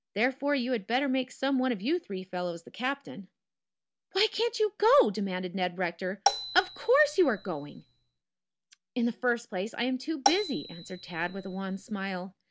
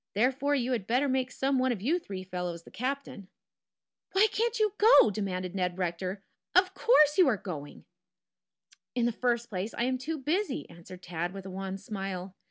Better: second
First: background sound (Marimba, xylophone); 5 dB below the speech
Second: none

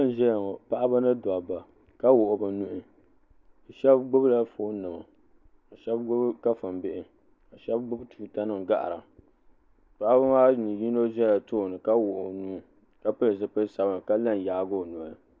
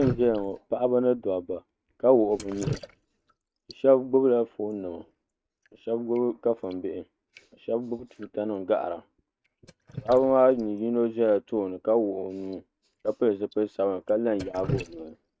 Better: first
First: none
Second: noise reduction (neural mask model RNNoise)

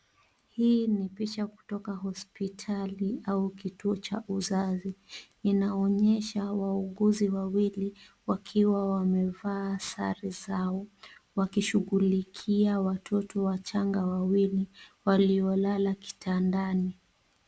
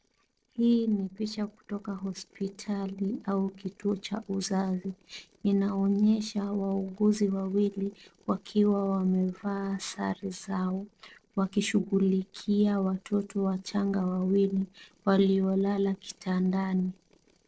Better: first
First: none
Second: noise reduction (neural separator model SepFormer DNS4)

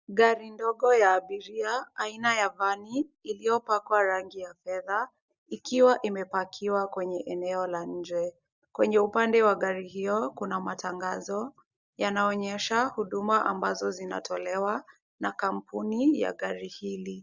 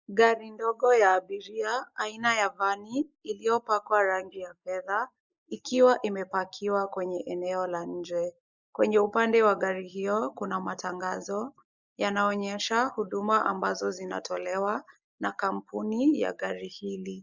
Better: first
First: none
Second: noise reduction (neural mask model Resemble Enhance denoiser)

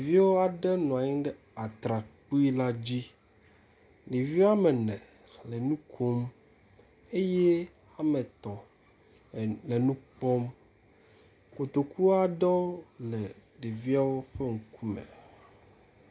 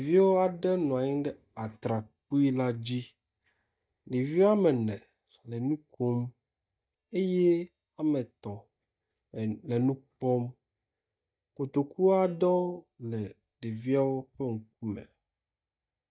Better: first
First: none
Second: noise reduction (neural mask model DeepFilterNet 3)

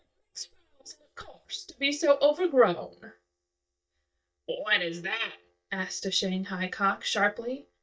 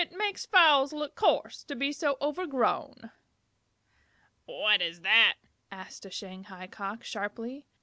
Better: second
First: noise reduction (neural mask model DeepFilterNet 3)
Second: none

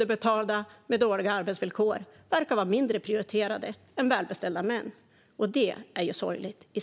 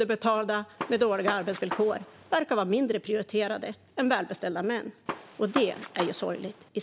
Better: first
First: none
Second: background sound (Gunshot, gunfire); 9 dB below the speech

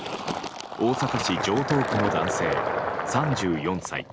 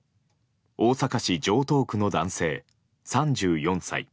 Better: second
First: background sound (Fill (with liquid)); 1 dB below the speech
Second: none

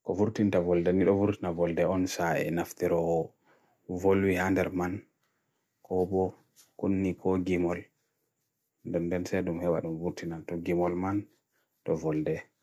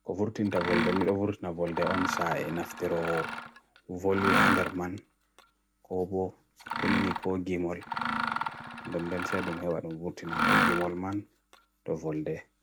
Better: first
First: none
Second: background sound (Mechanisms); 1 dB below the speech

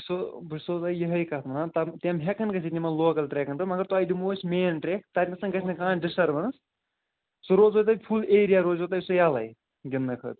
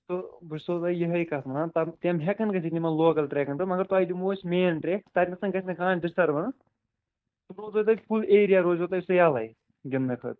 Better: first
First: none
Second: noise reduction (neural mask model DeepFilterNet 3)

